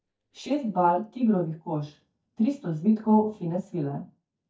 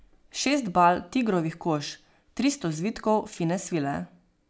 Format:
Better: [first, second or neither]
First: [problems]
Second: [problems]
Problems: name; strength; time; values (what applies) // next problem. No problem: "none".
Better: second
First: noise reduction (neural mask model DeepFilterNet 3)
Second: none